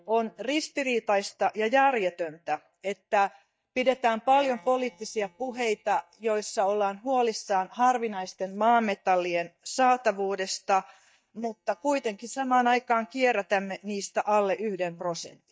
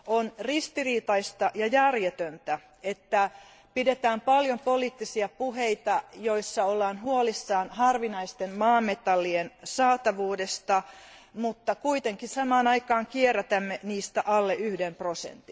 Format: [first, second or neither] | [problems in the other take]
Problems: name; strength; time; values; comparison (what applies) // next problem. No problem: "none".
second | noise reduction (neural mask model DeepFilterNet 3)